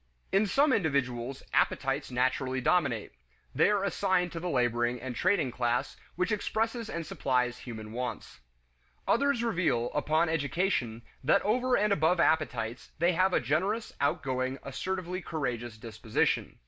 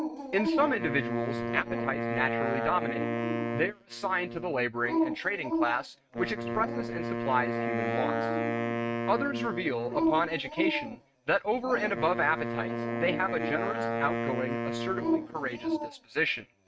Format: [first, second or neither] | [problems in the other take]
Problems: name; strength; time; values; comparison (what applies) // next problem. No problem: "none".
first | noise reduction (neural mask model RNNoise)